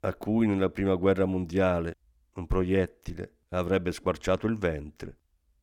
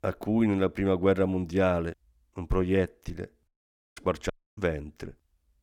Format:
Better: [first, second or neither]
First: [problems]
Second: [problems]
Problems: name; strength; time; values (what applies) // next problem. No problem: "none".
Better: first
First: none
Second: audio cutting out; at 3.5 s and at 4.5 s